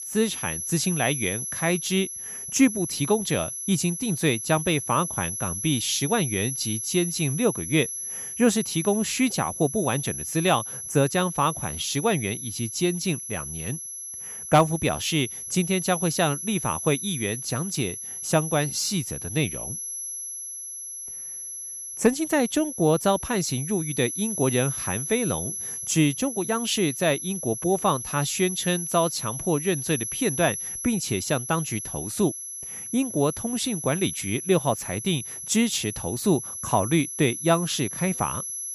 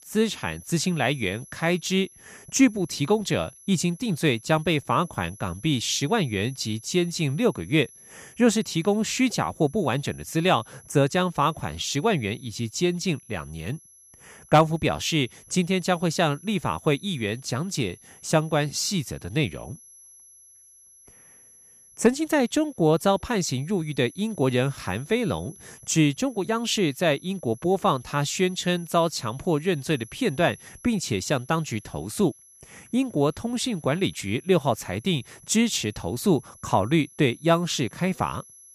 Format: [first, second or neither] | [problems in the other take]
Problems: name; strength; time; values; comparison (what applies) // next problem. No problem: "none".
second | high-pitched whine; loud; throughout; 11 kHz, 6 dB below the speech; faint in the second